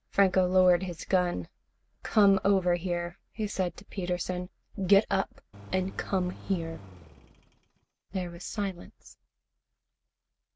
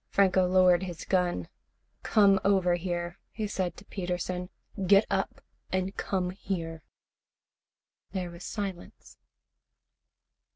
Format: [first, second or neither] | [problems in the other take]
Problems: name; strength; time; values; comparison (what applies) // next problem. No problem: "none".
second | background sound (Engine); 17 dB below the speech